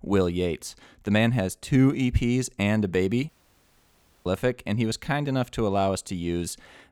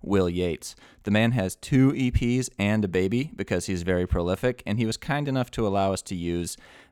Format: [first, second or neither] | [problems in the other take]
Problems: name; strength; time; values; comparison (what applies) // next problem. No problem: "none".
second | audio cutting out; at 3.5 s for 1 s